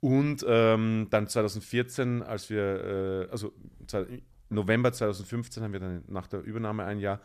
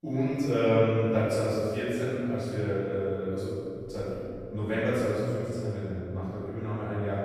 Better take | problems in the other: first | room echo; strong; dies away in 2.5 s // off-mic speech; far

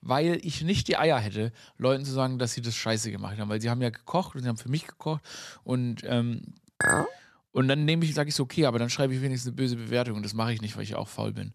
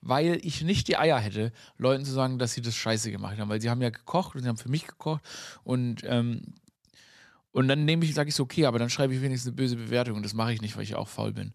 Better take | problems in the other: second | clattering dishes; loud; at 7 s; peak 5 dB above the speech

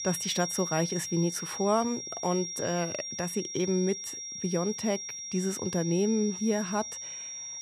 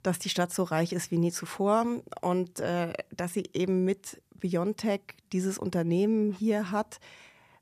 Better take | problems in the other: second | high-pitched whine; loud; throughout; 5.5 kHz, 5 dB below the speech

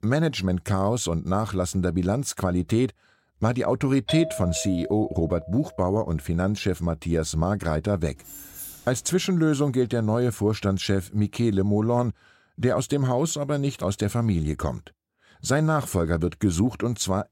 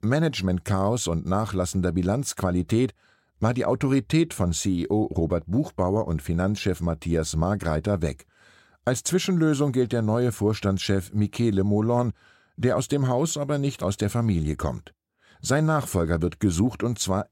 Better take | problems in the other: second | doorbell; noticeable; from 4 to 5.5 s; peak 5 dB below the speech // jangling keys; faint; from 8 to 9.5 s; peak 10 dB below the speech

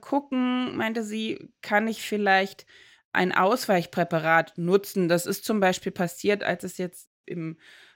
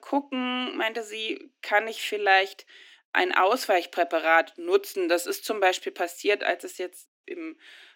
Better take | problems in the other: first | thin; somewhat; fading below 250 Hz

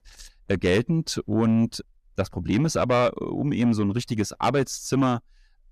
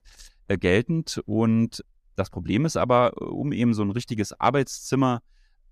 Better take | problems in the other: second | distortion; slight; 10 dB below the speech

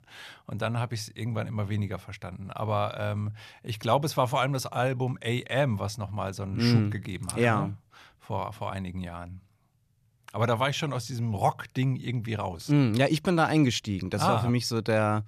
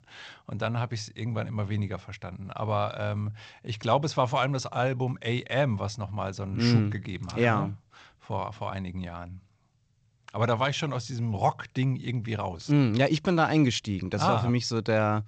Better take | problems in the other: first | garbled, watery; slightly; nothing above 7.5 kHz

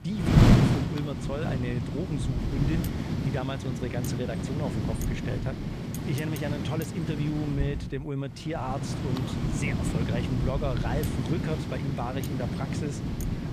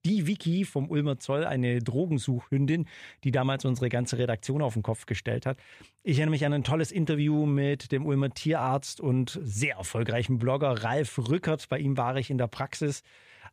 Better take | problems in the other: second | wind noise on the microphone; heavy; 1 dB above the speech

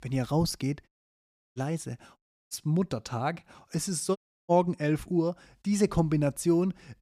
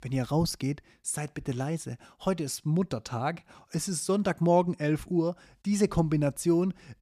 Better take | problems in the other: second | audio cutting out; at 1 s for 0.5 s, at 2 s and at 4 s

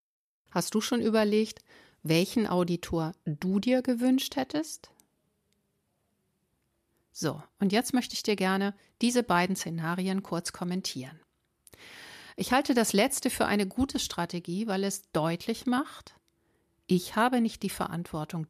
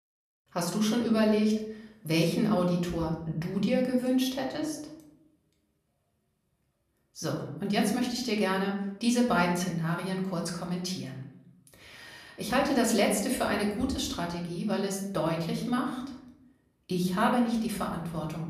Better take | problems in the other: first | room echo; slight; dies away in 0.8 s // off-mic speech; somewhat distant

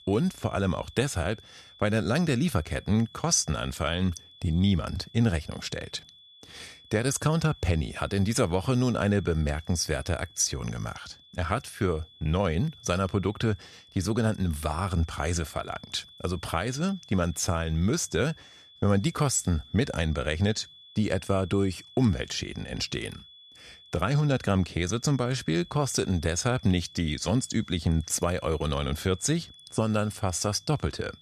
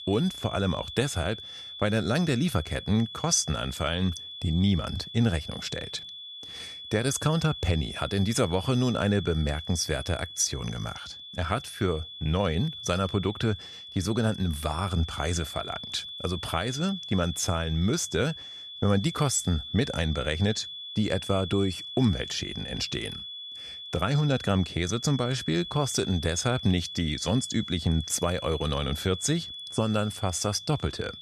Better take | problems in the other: first | high-pitched whine; loud; throughout; 3.5 kHz, 10 dB below the speech; faint in the first

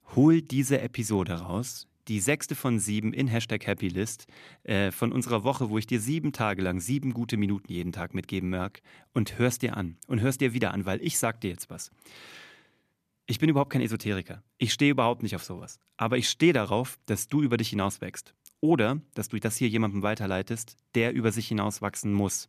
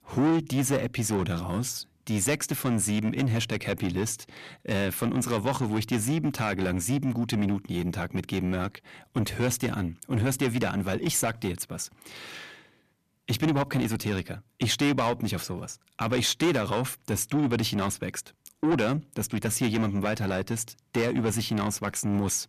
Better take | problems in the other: first | distortion; heavy; 7 dB below the speech

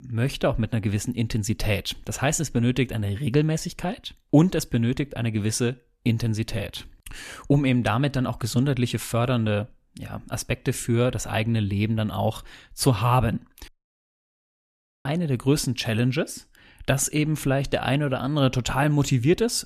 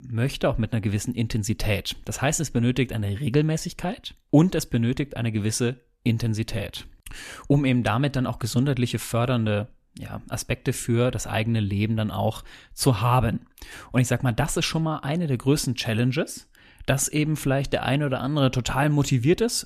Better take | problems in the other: second | audio cutting out; at 14 s for 1.5 s

